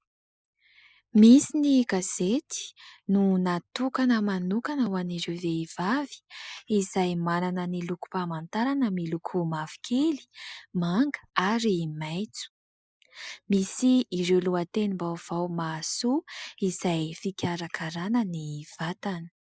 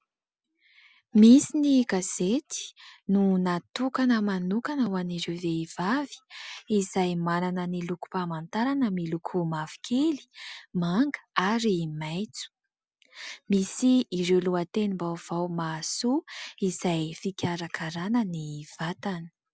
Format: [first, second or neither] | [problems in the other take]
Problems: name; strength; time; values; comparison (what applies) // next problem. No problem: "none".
second | noise reduction (neural mask model Resemble Enhance denoiser)